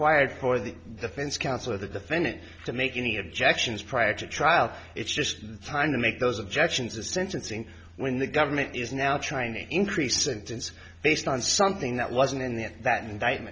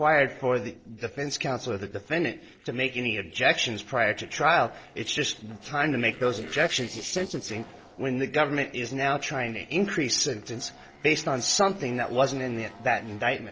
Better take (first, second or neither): first